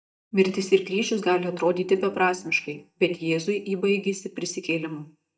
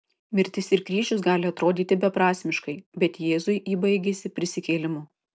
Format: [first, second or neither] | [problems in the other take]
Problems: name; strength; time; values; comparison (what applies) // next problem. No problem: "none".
second | noise reduction (neural mask model DeepFilterNet 3)